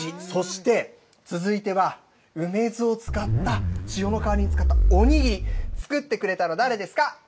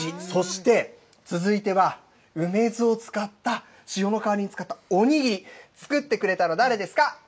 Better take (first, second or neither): second